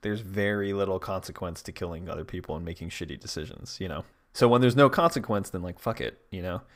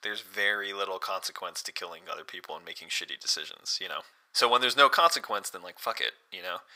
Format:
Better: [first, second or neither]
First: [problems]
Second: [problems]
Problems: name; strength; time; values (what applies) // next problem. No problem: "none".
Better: first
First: none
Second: thin; very; fading below 1 kHz